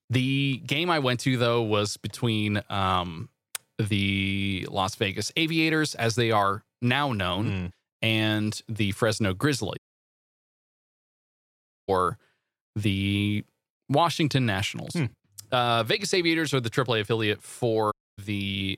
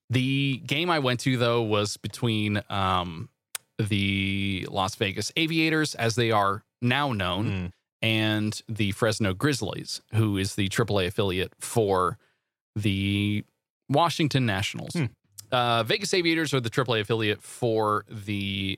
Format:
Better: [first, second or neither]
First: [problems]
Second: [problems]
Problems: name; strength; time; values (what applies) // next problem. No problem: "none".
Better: second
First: audio cutting out; at 10 s for 2 s and at 18 s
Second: none